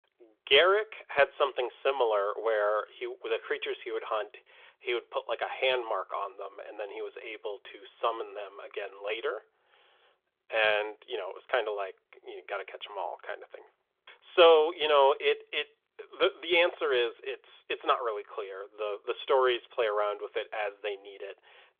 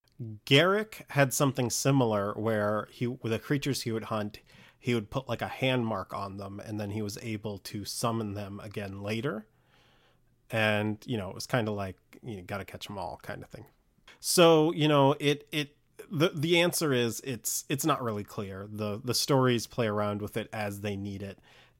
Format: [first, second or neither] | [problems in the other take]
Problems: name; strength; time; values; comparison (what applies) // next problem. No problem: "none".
second | phone-call audio; nothing above 3.5 kHz